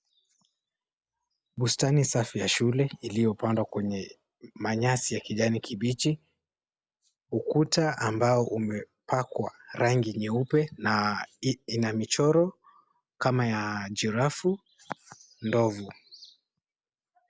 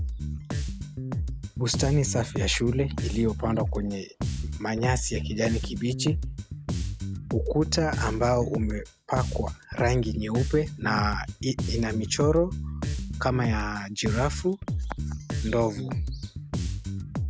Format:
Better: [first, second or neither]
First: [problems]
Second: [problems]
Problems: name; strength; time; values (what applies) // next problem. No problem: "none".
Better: first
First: none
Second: background sound (Bass guitar); 3 dB below the speech